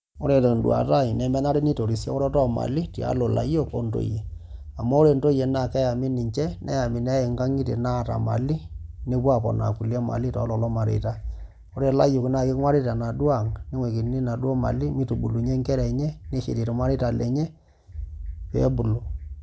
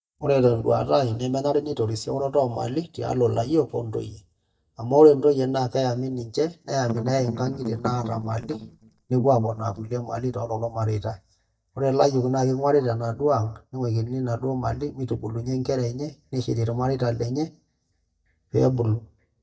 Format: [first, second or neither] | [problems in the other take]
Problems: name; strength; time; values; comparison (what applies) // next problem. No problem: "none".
first | noise reduction (neural mask model DeepFilterNet 3)